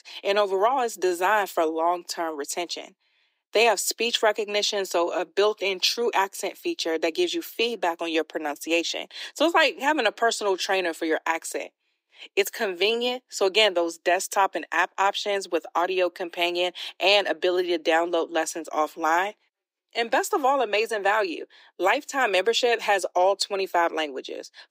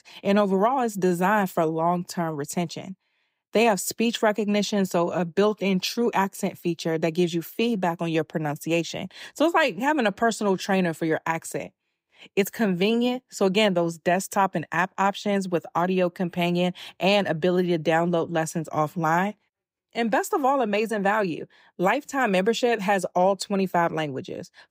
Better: second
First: thin; very; fading below 300 Hz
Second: none

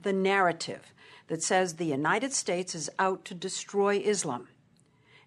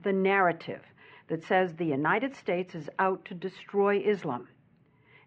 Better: first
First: none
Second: muffled; very; fading above 2.5 kHz

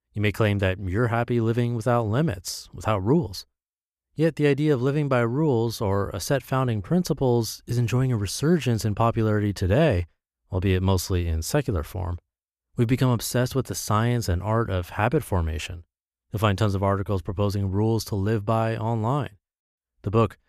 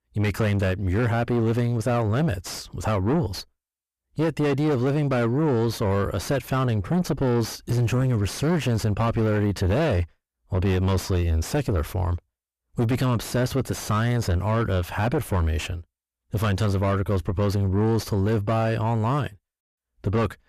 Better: first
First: none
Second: distortion; heavy; 7 dB below the speech

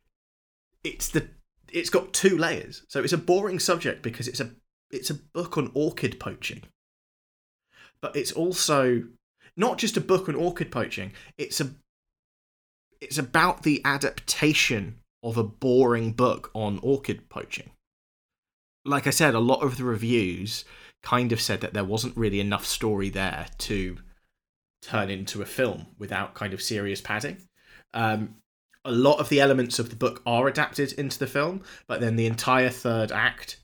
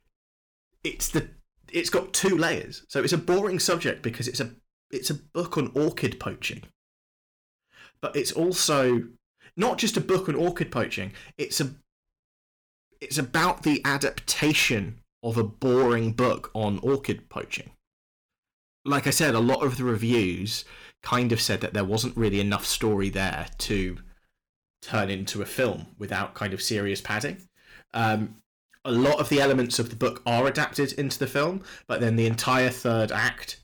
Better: first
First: none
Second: distortion; slight; 5% of the sound clipped

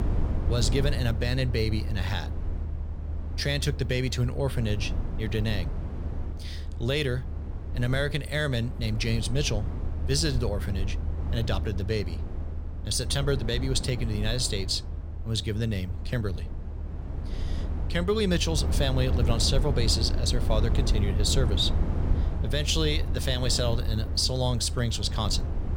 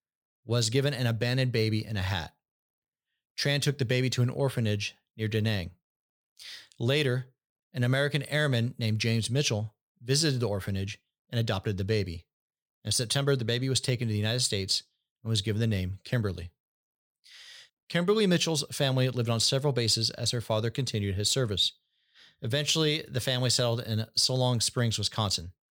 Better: second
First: low rumble; noticeable; throughout; 15 dB below the speech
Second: none

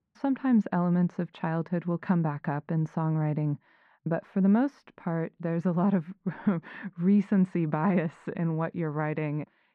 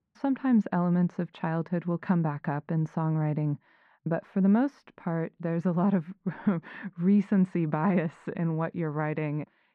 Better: neither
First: muffled; very; fading above 1.5 kHz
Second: muffled; very; fading above 1.5 kHz

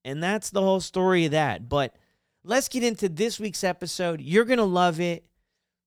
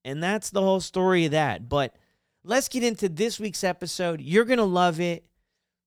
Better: neither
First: none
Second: none

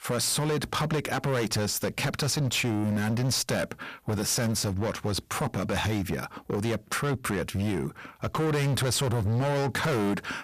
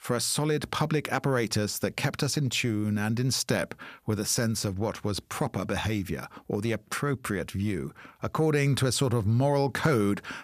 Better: second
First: distortion; heavy; 25% of the sound clipped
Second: none

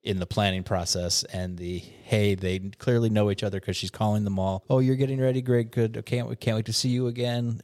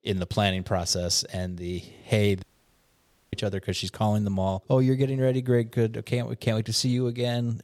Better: first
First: none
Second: audio cutting out; at 2.5 s for 1 s

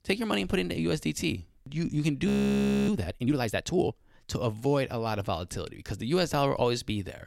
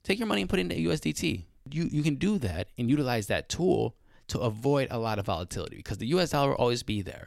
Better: second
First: audio freezing; at 2.5 s for 0.5 s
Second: none

